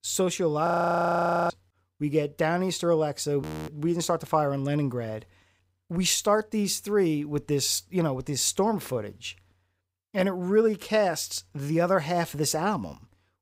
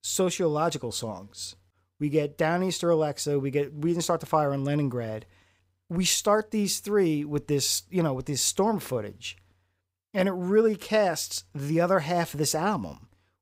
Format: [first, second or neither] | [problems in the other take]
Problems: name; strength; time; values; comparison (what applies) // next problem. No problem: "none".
second | audio freezing; at 0.5 s for 1 s and at 3.5 s